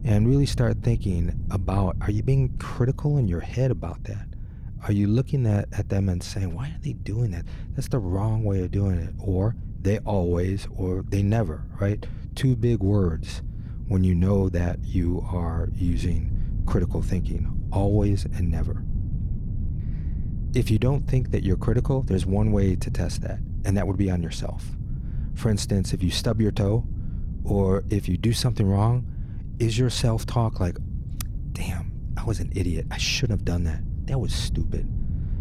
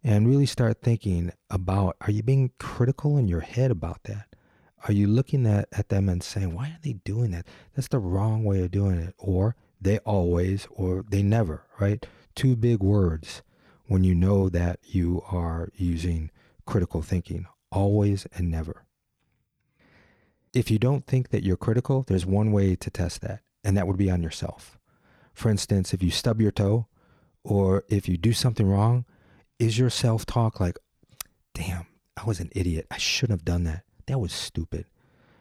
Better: second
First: low rumble; noticeable; throughout; 15 dB below the speech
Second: none

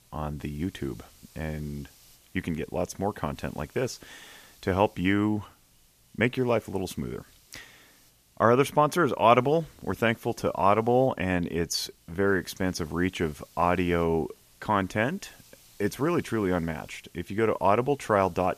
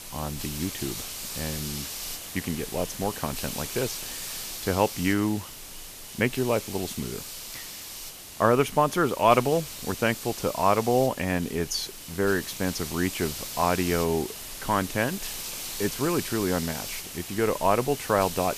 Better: first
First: hiss; faint; throughout; 30 dB below the speech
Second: hiss; loud; throughout; 8 dB below the speech

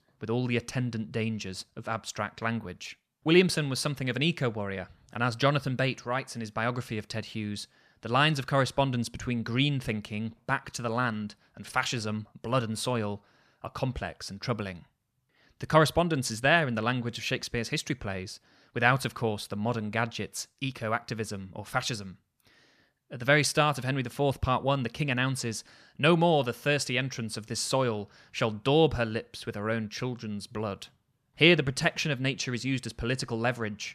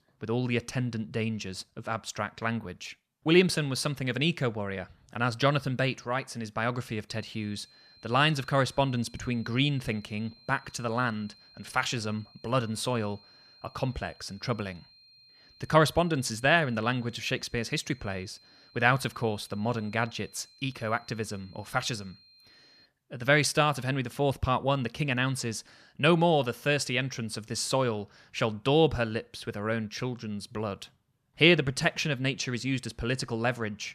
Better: first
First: none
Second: high-pitched whine; faint; from 7 to 23 s; 4 kHz, 25 dB below the speech

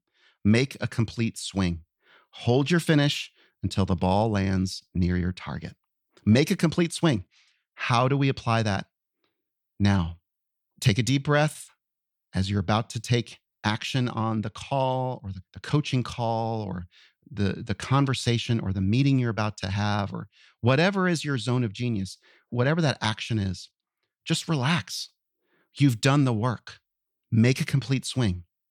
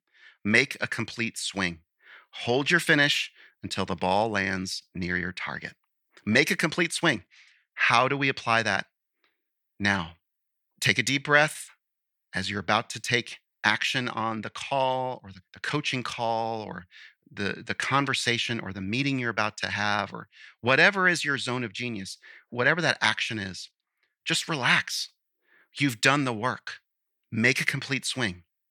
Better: first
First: none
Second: thin; somewhat; fading below 500 Hz

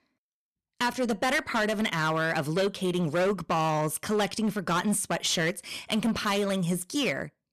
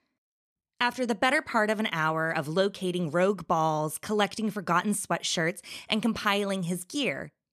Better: second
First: distortion; heavy; 12% of the sound clipped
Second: none

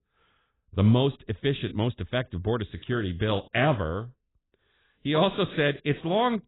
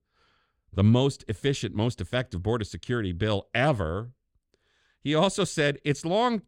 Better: second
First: garbled, watery; badly; nothing above 4 kHz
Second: none

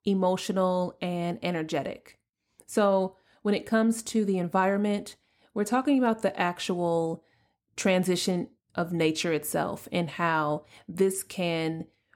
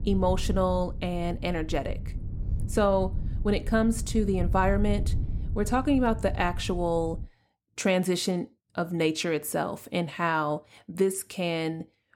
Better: first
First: none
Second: wind noise on the microphone; occasional gusts; until 7.5 s; 20 dB below the speech

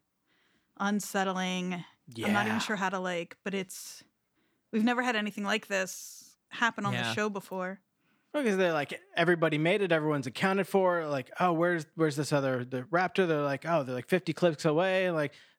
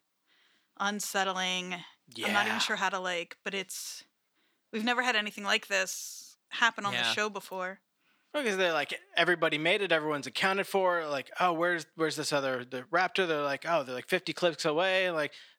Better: first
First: none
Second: thin; somewhat; fading below 600 Hz

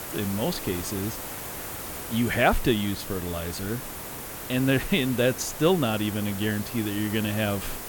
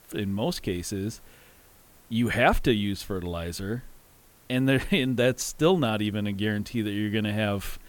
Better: second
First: hiss; loud; throughout; 8 dB below the speech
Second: hiss; faint; throughout; 30 dB below the speech

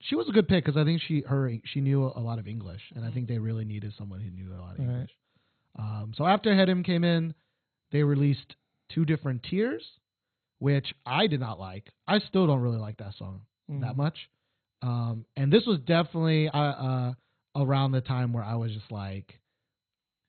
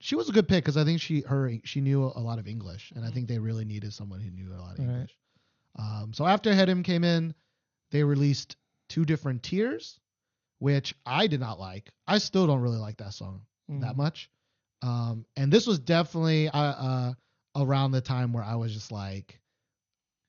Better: second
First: garbled, watery; badly; nothing above 4 kHz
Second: garbled, watery; slightly; nothing above 6.5 kHz

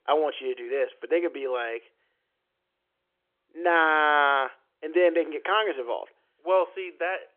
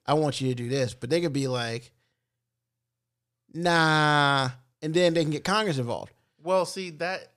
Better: second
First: phone-call audio; nothing above 3.5 kHz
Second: none

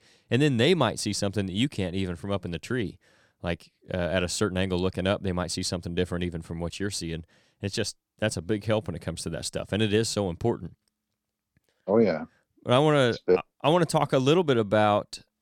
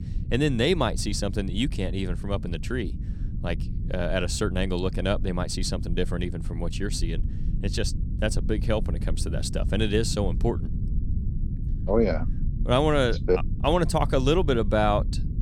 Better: first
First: none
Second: low rumble; noticeable; throughout; 15 dB below the speech

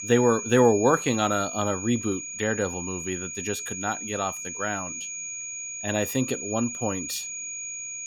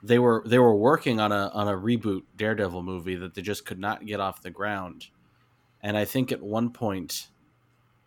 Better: second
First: high-pitched whine; loud; throughout; 6.5 kHz, 6 dB below the speech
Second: none

